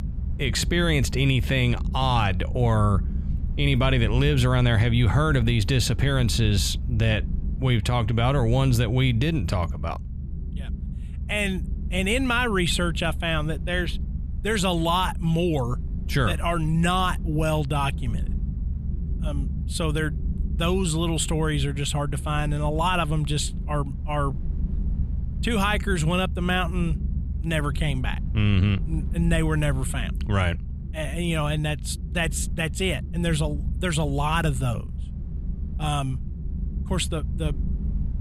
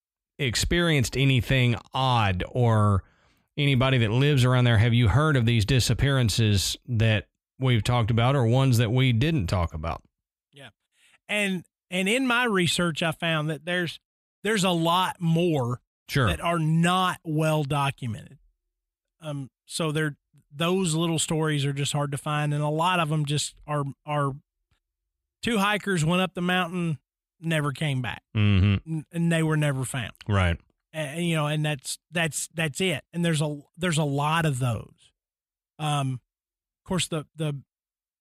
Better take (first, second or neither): second